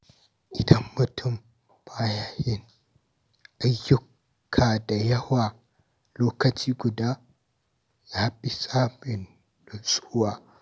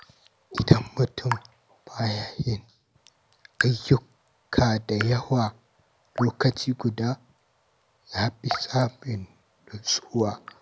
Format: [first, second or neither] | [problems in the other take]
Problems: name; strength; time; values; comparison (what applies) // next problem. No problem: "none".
first | background sound (Raindrop / Drip); 12 dB below the speech